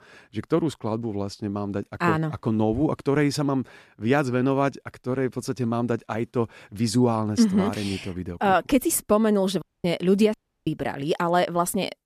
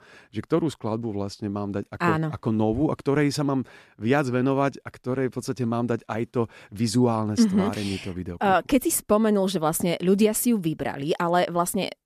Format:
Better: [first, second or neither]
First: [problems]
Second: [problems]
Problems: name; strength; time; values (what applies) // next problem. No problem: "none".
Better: second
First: audio cutting out; at 9.5 s and at 10 s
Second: none